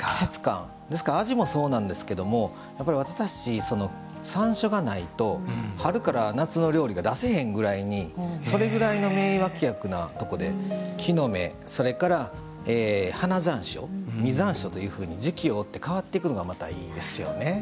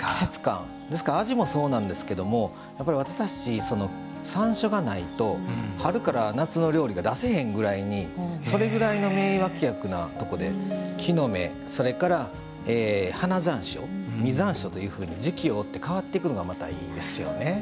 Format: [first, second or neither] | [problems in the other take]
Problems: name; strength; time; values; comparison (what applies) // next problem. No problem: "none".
first | background sound (Bird vocalization, bird call, bird song + Bowed string instrument); 14 dB below the speech